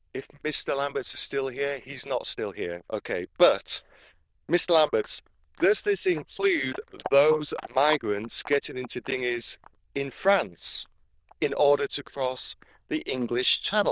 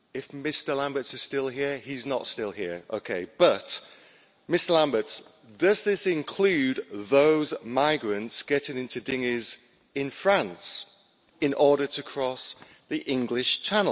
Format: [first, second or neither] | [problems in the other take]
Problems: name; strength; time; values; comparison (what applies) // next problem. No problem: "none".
second | noise reduction (neural diffusion model UNIVERSE++)